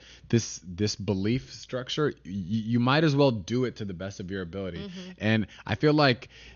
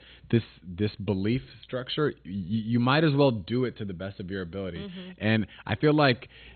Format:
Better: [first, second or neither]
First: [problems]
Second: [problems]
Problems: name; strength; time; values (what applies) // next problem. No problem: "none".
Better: first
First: garbled, watery; slightly; nothing above 6.5 kHz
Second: garbled, watery; badly; nothing above 4 kHz